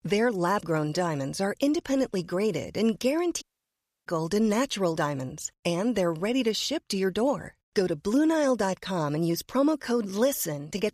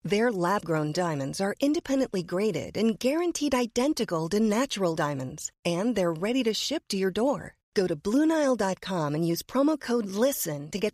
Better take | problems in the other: second | audio cutting out; at 3.5 s for 0.5 s

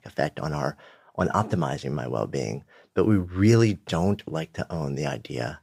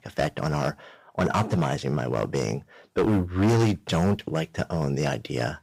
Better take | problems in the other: first | distortion; heavy; 8% of the sound clipped

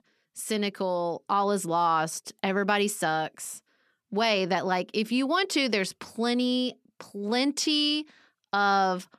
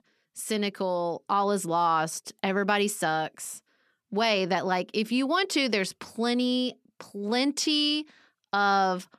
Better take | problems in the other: neither | none

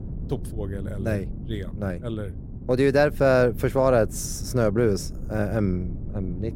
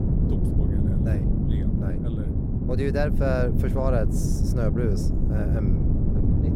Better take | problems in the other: first | wind noise on the microphone; heavy; 4 dB below the speech; occasional gusts in the first

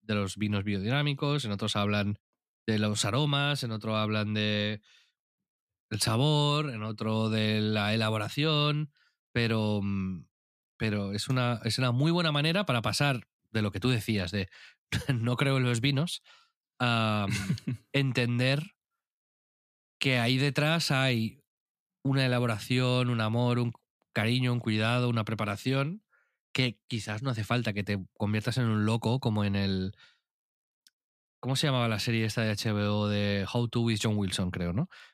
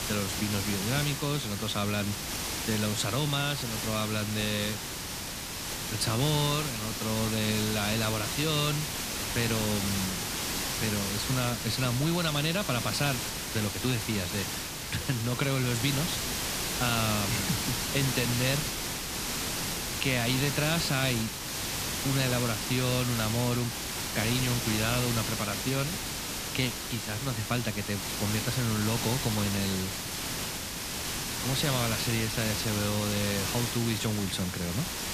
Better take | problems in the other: first | hiss; loud; throughout; 1 dB below the speech

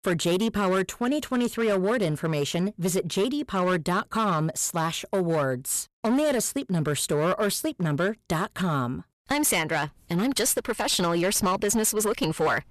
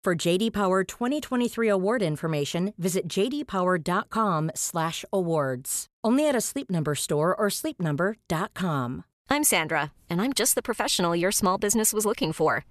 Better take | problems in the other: second | distortion; slight; 11% of the sound clipped

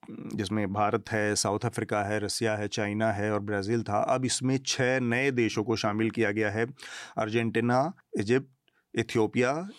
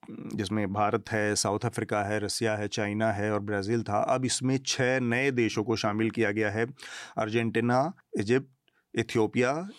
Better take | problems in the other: neither | none

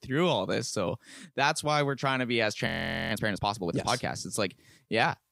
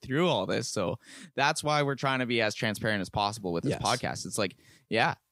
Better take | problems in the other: second | audio freezing; at 2.5 s

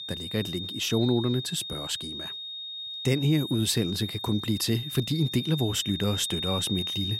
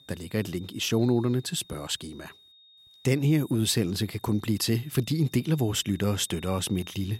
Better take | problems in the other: second | high-pitched whine; loud; throughout; 3.5 kHz, 5 dB below the speech; faint in the second

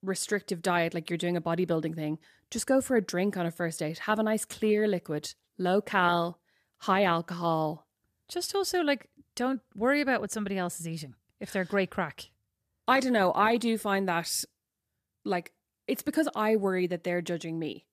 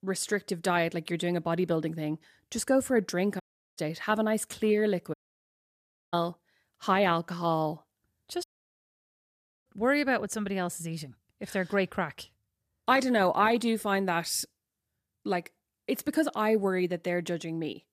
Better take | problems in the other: first | audio cutting out; at 3.5 s, at 5 s for 1 s and at 8.5 s for 1 s

